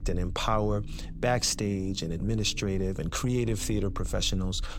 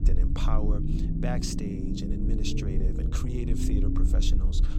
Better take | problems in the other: first | low rumble; loud; throughout; 1 dB below the speech; faint in the first

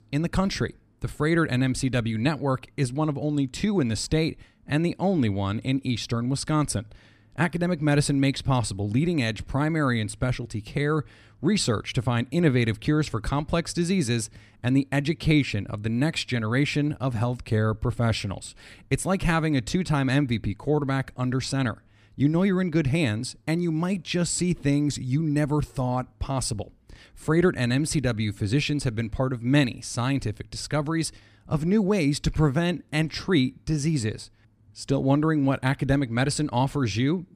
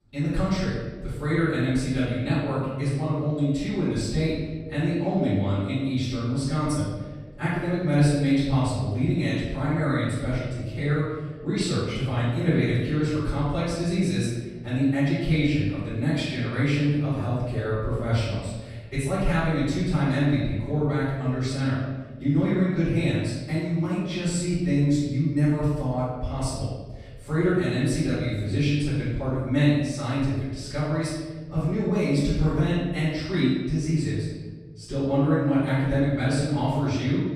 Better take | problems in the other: first | off-mic speech; far // room echo; strong; dies away in 1.4 s

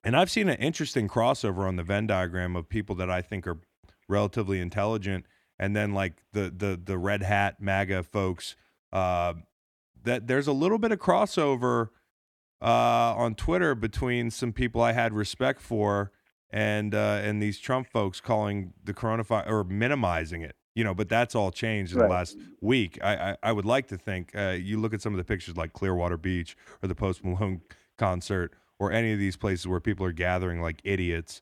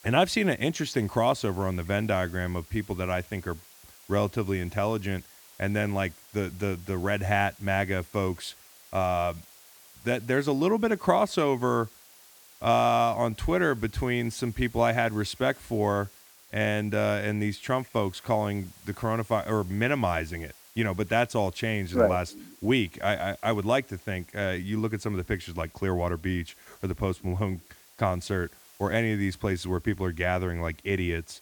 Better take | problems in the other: first | hiss; faint; throughout; 25 dB below the speech

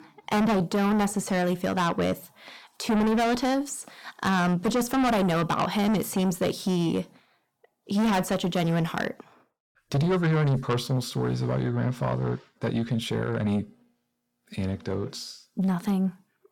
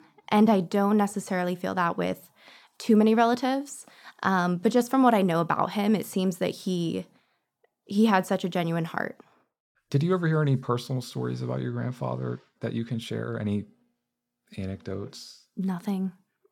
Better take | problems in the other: second | distortion; heavy; 6 dB below the speech

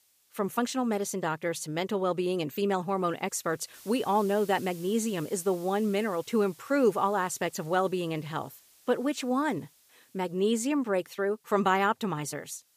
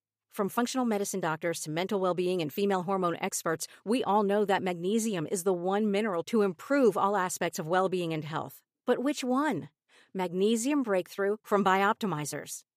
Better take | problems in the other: second | hiss; faint; throughout; 25 dB below the speech

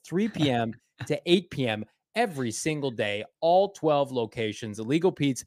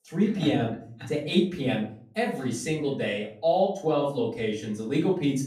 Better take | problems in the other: first | off-mic speech; far // room echo; slight; dies away in 0.4 s

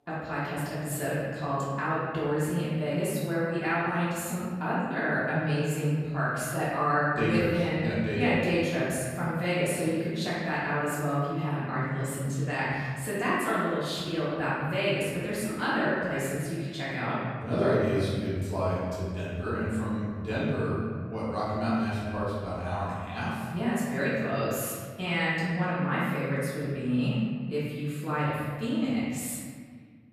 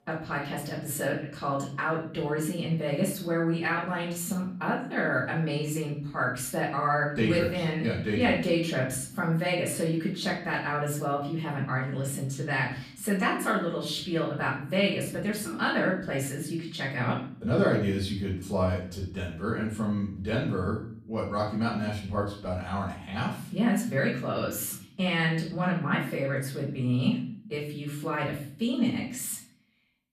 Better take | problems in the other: second | room echo; strong; dies away in 1.7 s; slight in the second // off-mic speech; far; far in the second

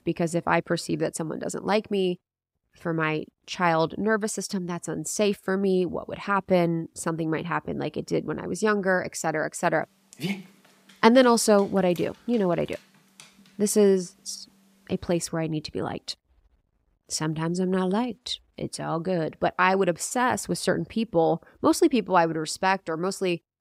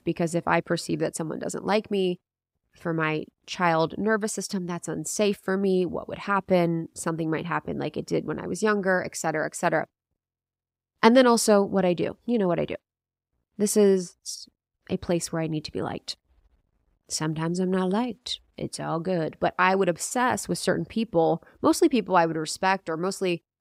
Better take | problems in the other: second | dog barking; noticeable; from 10 to 13 s; peak 7 dB below the speech

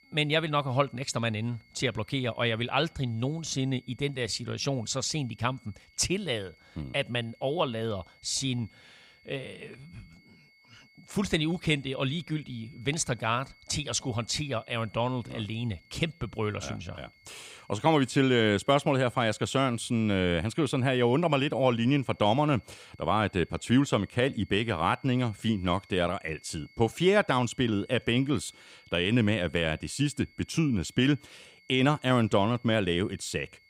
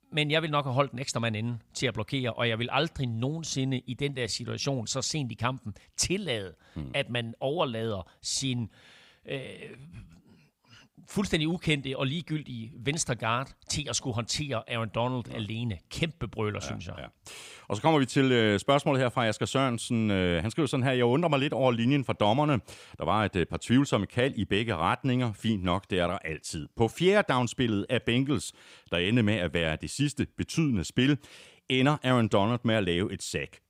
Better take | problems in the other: second | high-pitched whine; faint; throughout; 2 kHz, 30 dB below the speech

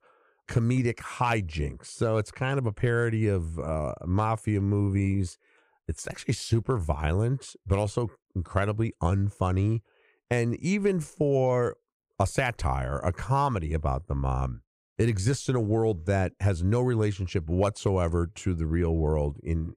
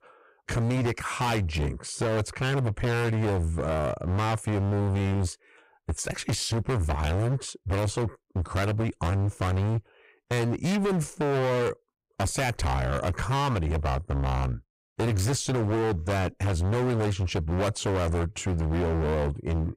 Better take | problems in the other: first | distortion; heavy; 31% of the sound clipped

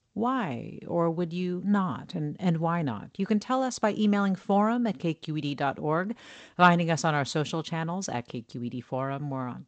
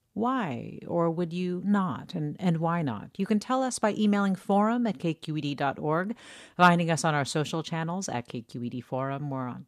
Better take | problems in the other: second | garbled, watery; slightly; nothing above 8 kHz

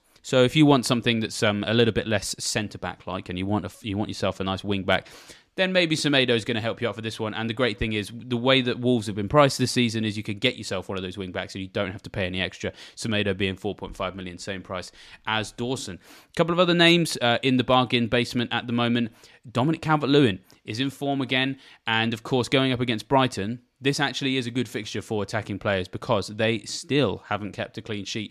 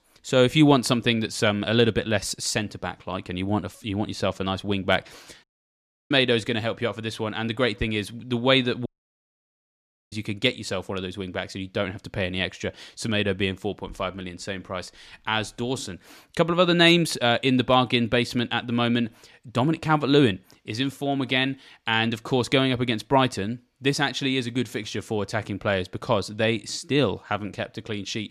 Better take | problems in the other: first | audio cutting out; at 5.5 s for 0.5 s and at 9 s for 1.5 s

